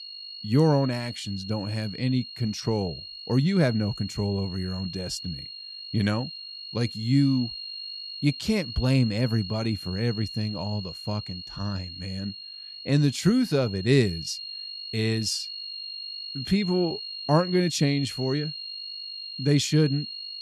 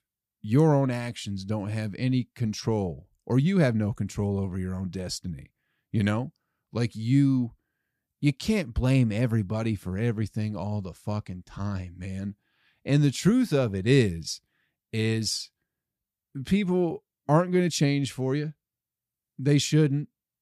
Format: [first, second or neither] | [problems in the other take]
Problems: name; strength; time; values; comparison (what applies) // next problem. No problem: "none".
second | high-pitched whine; loud; throughout; 4.5 kHz, 9 dB below the speech